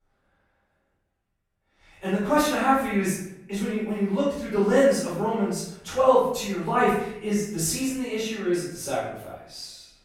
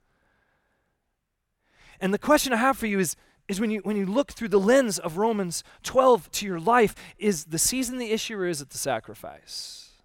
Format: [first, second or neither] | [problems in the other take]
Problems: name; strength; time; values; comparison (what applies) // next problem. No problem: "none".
second | off-mic speech; far // room echo; noticeable; dies away in 0.7 s